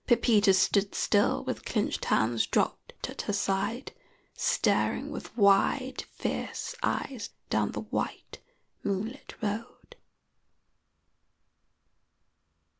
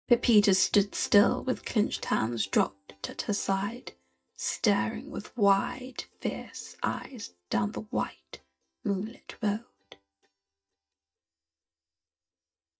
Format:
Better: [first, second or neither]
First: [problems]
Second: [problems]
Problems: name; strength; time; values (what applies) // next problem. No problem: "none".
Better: first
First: none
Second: noise reduction (neural mask model DeepFilterNet 3)